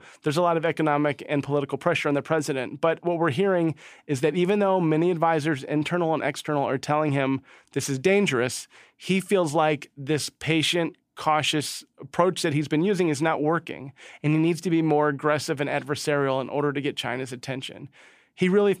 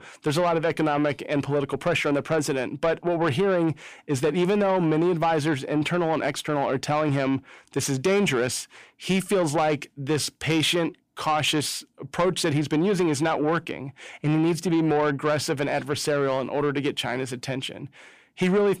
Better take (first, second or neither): first